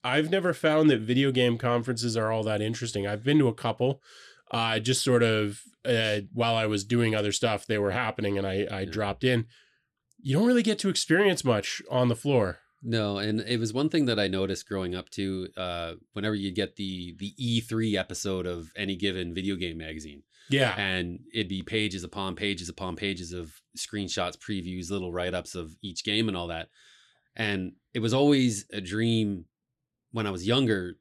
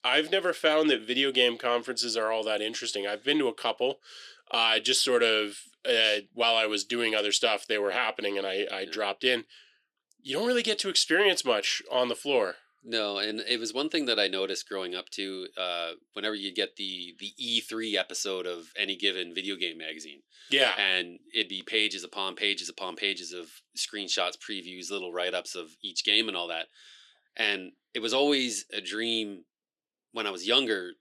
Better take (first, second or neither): first